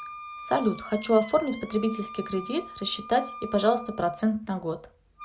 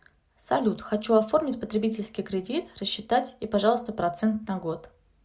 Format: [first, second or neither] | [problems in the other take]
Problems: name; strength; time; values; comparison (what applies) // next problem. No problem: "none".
second | background sound (Wind instrument, woodwind instrument); 15 dB below the speech